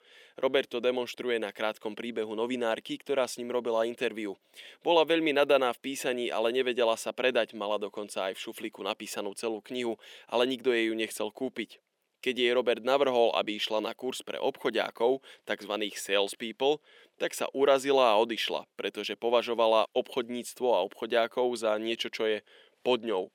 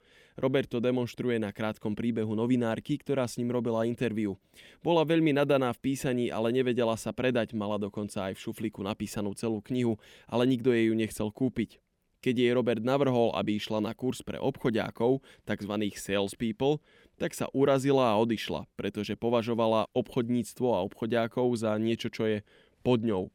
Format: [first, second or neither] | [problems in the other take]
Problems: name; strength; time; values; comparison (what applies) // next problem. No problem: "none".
second | thin; somewhat; fading below 500 Hz